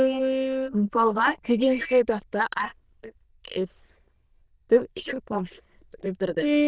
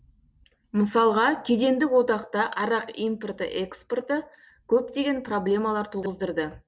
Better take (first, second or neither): second